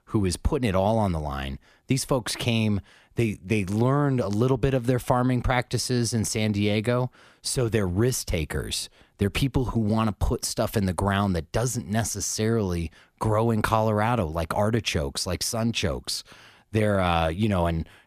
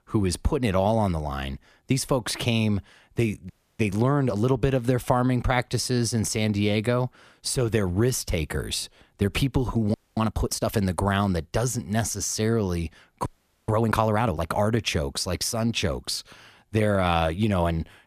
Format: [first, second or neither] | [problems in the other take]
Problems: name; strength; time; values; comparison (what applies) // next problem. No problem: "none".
first | audio freezing; at 3.5 s, at 10 s and at 13 s